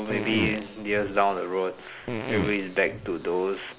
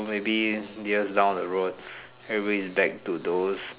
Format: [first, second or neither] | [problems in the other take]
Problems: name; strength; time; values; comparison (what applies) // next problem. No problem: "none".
second | background sound (Fart); 6 dB below the speech